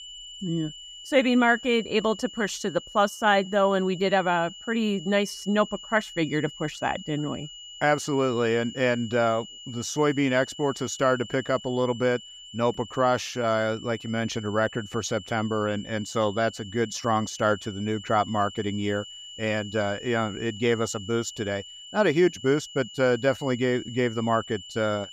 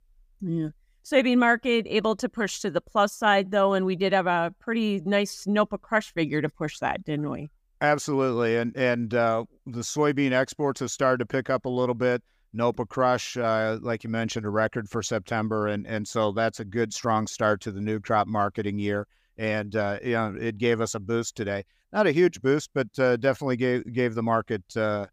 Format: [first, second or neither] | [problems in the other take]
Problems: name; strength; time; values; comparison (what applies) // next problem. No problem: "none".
second | high-pitched whine; noticeable; throughout; 3 kHz, 15 dB below the speech